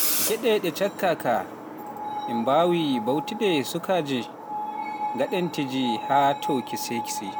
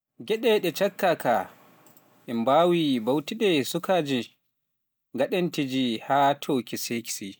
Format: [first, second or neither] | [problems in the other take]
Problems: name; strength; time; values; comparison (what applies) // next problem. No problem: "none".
second | background sound (Screech); 5 dB below the speech